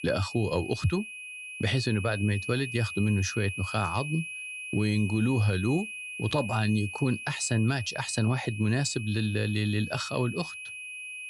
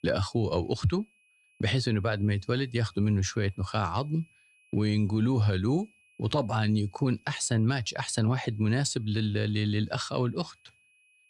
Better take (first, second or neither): second